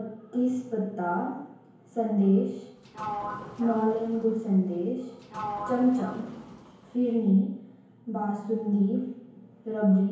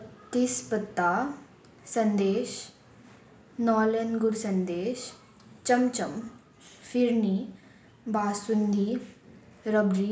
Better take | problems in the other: second | background sound (Sliding door); 11 dB below the speech // room echo; dies away in 1 s

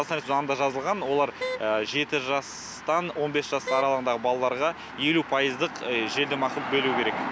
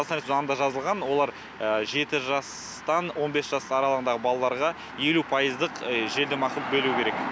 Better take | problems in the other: second | background sound (Wind instrument, woodwind instrument); 9 dB below the speech

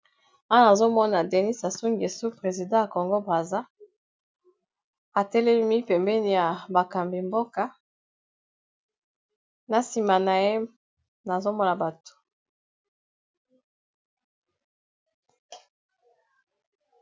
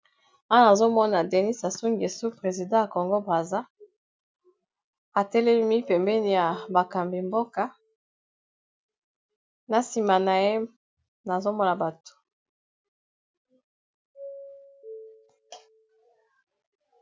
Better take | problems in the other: first | background sound (Doorbell); 19 dB below the speech

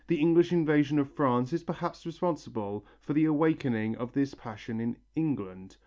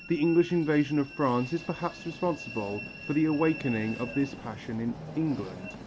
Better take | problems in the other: first | background sound (Train); 13 dB below the speech

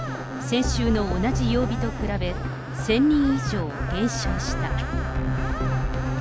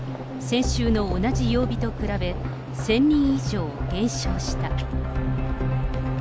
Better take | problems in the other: second | background sound (Screech); 13 dB below the speech

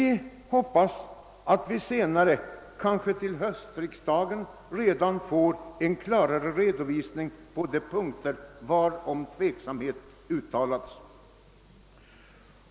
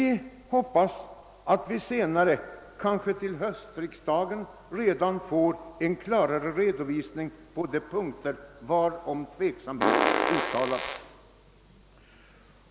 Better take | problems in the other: first | background sound (Fart); 1 dB above the speech

